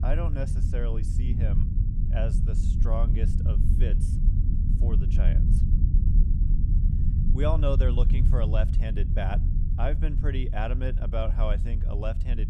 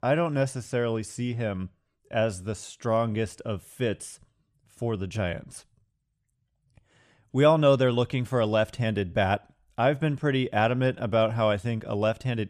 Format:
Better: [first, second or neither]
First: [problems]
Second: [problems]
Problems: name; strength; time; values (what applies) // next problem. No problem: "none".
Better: second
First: low rumble; loud; throughout; 6 dB below the speech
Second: none